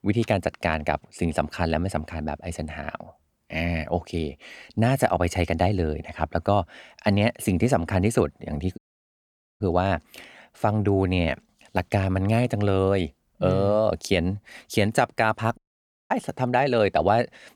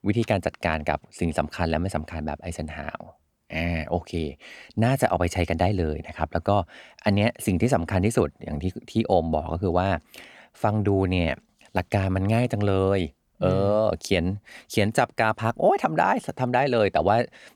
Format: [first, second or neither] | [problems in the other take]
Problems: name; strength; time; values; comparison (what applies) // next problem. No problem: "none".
second | audio cutting out; at 9 s for 1 s and at 16 s for 0.5 s